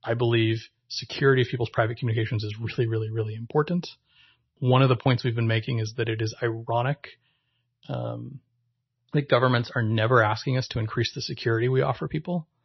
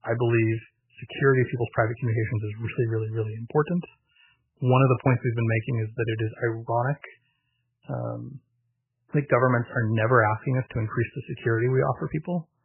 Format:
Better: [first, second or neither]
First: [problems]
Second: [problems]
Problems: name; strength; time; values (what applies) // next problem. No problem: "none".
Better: first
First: garbled, watery; slightly; nothing above 6 kHz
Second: garbled, watery; badly; nothing above 3 kHz